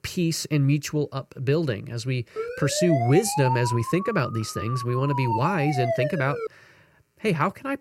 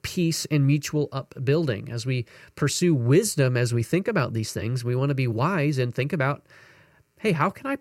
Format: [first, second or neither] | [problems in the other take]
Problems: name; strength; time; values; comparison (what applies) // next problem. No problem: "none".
second | siren; noticeable; from 2.5 to 6.5 s; peak 2 dB below the speech